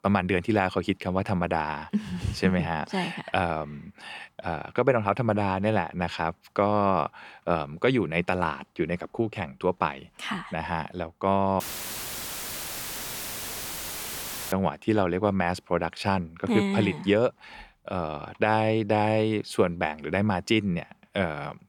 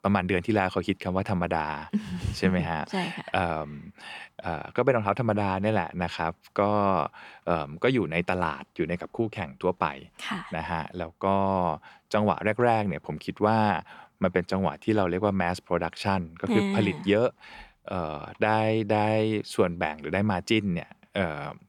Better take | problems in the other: second | audio cutting out; filled with static; at 12 s for 3 s

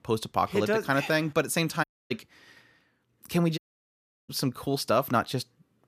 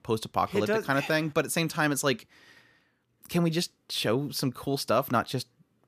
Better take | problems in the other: second | audio cutting out; at 2 s and at 3.5 s for 0.5 s

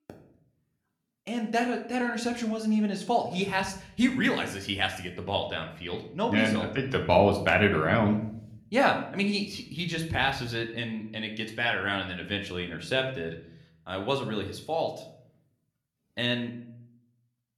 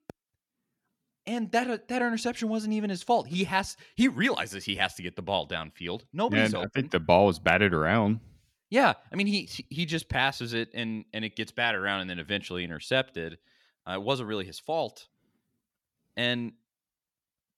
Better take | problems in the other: second | room echo; slight; dies away in 0.5 s

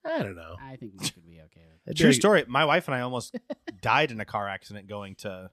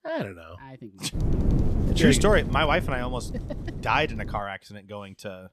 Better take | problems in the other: first | wind noise on the microphone; occasional gusts; from 1 to 4.5 s; 15 dB below the speech

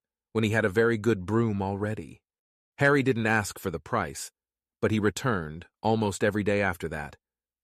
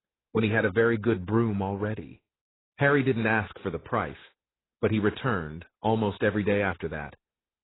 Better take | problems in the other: first | garbled, watery; badly; nothing above 4 kHz

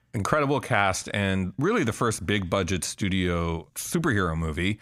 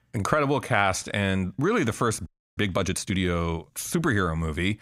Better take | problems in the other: first | audio freezing; at 2.5 s

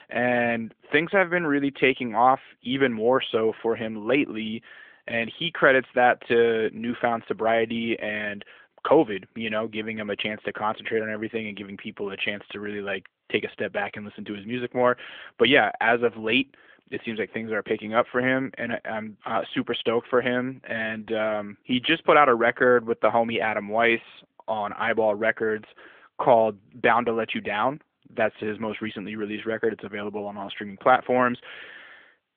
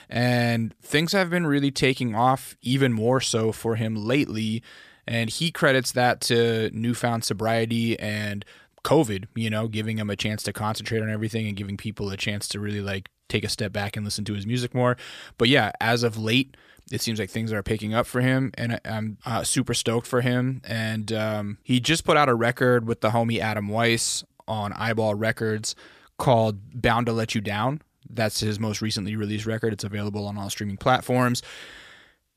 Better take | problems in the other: second | phone-call audio; nothing above 3.5 kHz

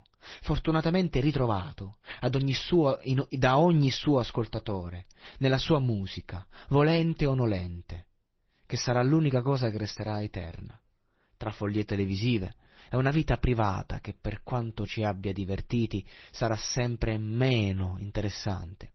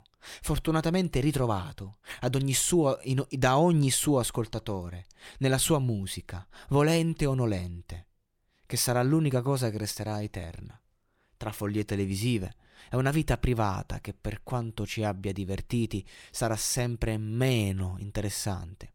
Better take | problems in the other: second | garbled, watery; slightly; nothing above 6 kHz

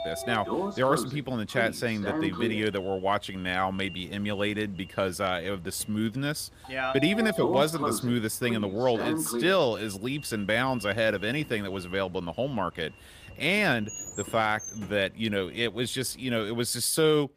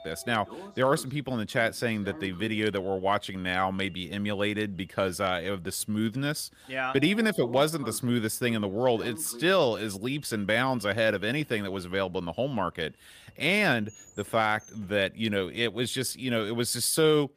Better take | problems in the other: second | household noises; loud; throughout; 7 dB below the speech; faint in the second

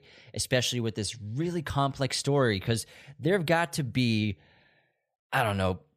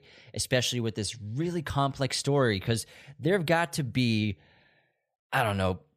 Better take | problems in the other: neither | none

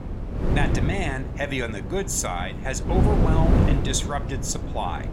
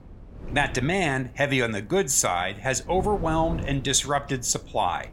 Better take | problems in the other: second | wind noise on the microphone; heavy; 4 dB below the speech; occasional gusts in the second

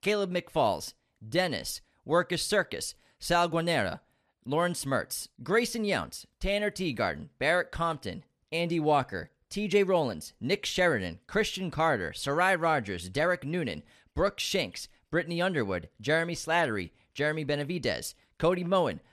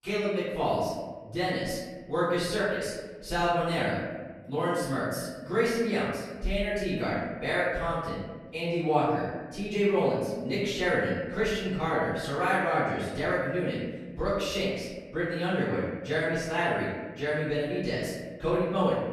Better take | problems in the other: first | off-mic speech; far // room echo; noticeable; dies away in 1.4 s

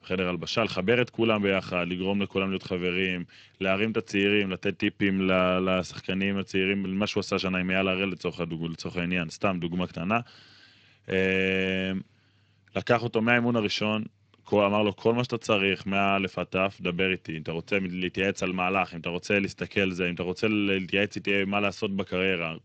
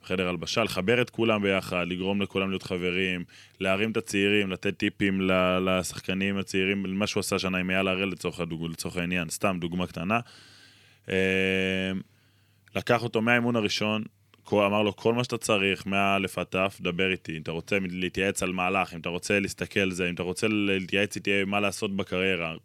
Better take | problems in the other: second | garbled, watery; slightly; nothing above 7.5 kHz

